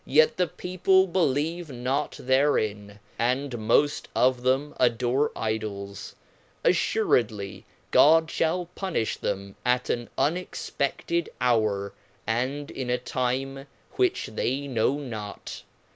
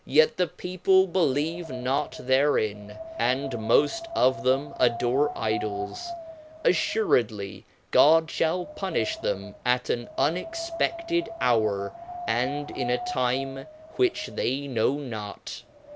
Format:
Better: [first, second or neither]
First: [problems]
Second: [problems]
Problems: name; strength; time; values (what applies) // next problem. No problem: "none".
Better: first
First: none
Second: background sound (Wind); 12 dB below the speech